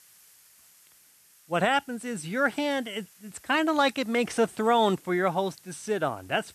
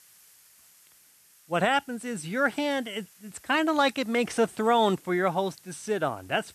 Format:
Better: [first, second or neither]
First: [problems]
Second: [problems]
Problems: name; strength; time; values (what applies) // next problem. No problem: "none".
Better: neither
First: hiss; faint; throughout; 25 dB below the speech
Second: hiss; faint; throughout; 25 dB below the speech